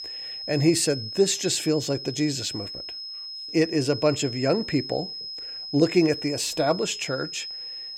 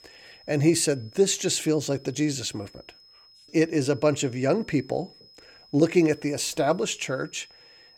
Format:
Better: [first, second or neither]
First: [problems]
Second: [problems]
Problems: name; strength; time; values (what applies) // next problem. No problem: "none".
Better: second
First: high-pitched whine; loud; throughout; 5 kHz, 8 dB below the speech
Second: high-pitched whine; faint; throughout; 5 kHz, 25 dB below the speech